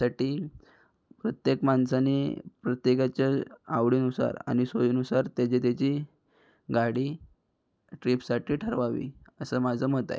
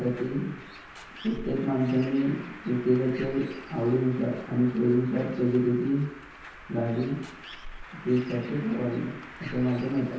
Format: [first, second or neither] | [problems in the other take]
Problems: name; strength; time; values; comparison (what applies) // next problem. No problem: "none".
first | background sound (Bird); 16 dB below the speech // room echo; dies away in 1 s